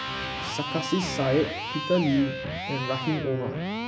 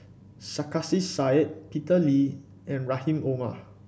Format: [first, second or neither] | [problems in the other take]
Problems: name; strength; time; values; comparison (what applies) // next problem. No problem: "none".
second | background sound (Electric guitar); 4 dB below the speech